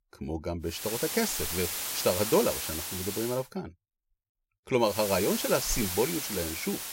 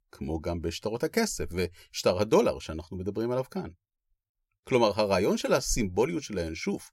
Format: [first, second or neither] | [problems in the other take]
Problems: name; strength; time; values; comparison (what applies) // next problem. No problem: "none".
second | hiss; loud; from 1 to 3.5 s and from 5 s on; 2 dB below the speech